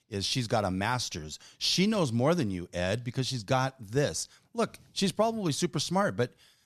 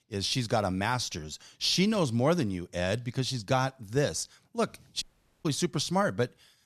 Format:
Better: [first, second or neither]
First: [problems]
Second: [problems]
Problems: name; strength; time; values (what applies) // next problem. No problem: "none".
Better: first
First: none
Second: audio cutting out; at 5 s